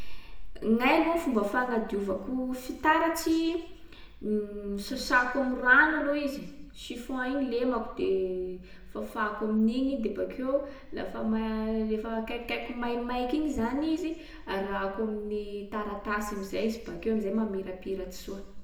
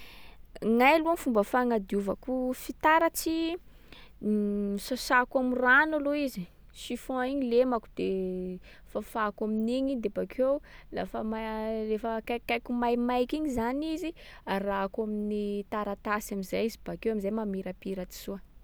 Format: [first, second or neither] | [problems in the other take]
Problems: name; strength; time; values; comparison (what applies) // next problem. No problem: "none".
second | room echo; dies away in 1 s